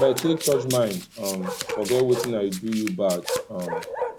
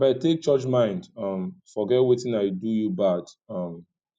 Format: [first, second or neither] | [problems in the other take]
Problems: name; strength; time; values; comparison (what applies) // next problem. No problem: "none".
second | background sound (Domestic sounds, home sounds + Bark); 6 dB below the speech